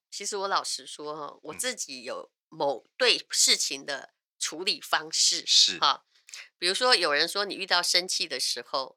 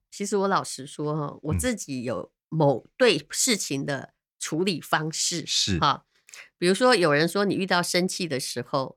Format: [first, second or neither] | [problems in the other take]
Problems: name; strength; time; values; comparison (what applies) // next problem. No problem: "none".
second | thin; very; fading below 550 Hz